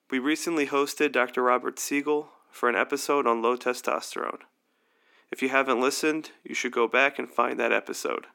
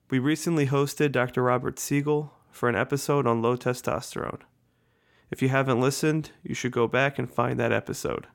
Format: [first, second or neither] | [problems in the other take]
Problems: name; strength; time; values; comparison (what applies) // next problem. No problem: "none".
second | thin; somewhat; fading below 250 Hz